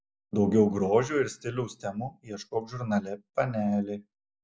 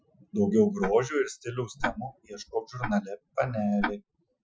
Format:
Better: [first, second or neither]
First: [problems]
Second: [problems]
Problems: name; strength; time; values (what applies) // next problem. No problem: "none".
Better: first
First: none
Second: noise reduction (classical method Wiener filter)